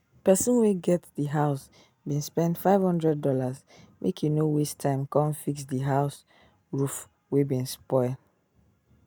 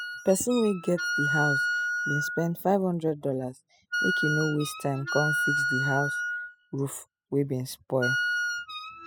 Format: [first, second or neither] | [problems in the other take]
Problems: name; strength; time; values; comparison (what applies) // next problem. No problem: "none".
first | noise reduction (classical method spectral subtraction)